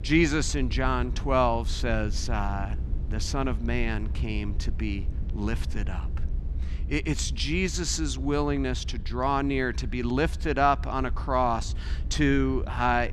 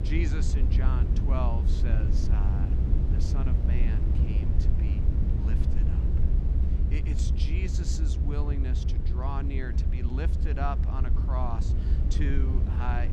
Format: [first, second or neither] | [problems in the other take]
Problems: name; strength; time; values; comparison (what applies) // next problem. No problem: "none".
first | low rumble; loud; throughout; 3 dB below the speech; faint in the first